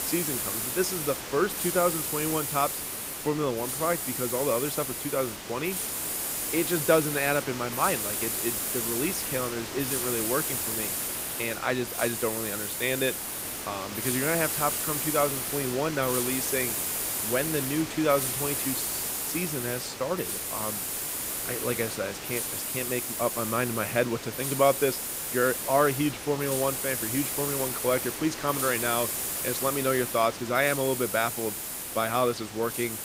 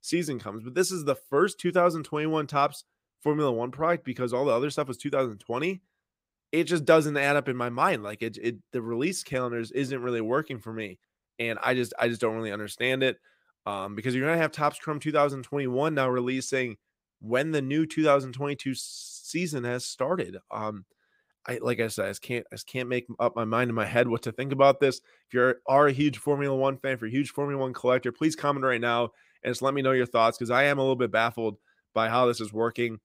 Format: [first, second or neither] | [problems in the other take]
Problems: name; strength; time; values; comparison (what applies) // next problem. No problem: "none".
second | hiss; loud; throughout; 1 dB below the speech